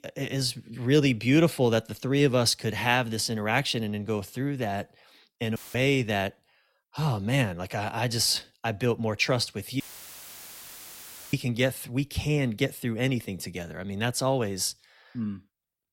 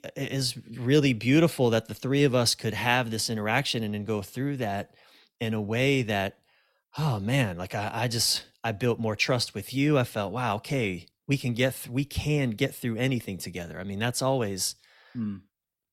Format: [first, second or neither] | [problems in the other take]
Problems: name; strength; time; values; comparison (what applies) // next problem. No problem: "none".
second | audio cutting out; filled with static; at 5.5 s and at 10 s for 1.5 s